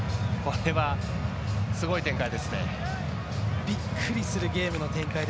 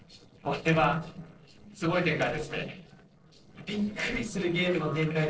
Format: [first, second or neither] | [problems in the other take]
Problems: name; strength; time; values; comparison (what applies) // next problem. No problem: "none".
first | noise reduction (neural separator model SepFormer DNS4)